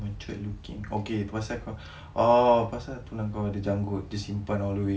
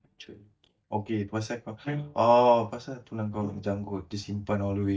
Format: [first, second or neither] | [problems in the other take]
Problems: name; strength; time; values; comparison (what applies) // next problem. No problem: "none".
first | noise reduction (neural mask model DeepFilterNet 3)